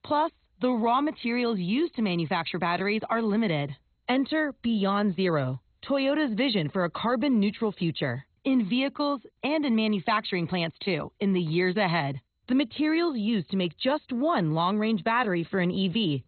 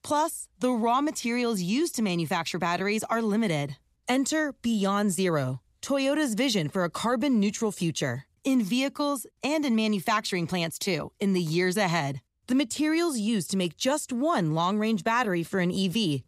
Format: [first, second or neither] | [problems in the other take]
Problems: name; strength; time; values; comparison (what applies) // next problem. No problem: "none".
second | garbled, watery; badly; nothing above 4 kHz